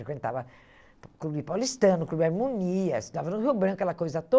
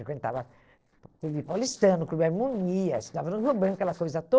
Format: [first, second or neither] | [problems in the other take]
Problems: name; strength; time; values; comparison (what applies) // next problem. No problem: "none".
first | noise reduction (neural separator model SepFormer DNS4)